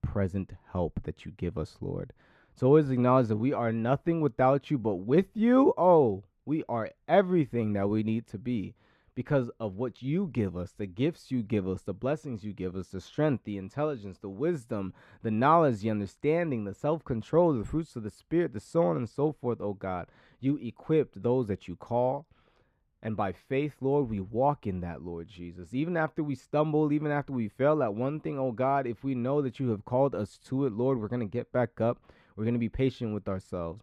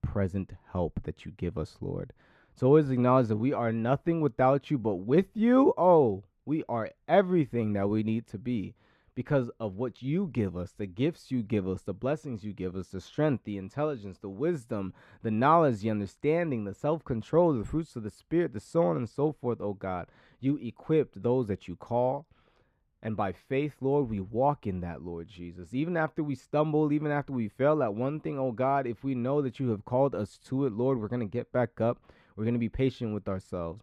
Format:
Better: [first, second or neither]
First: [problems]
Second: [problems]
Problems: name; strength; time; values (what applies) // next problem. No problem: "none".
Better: neither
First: muffled; very; fading above 2.5 kHz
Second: muffled; very; fading above 2.5 kHz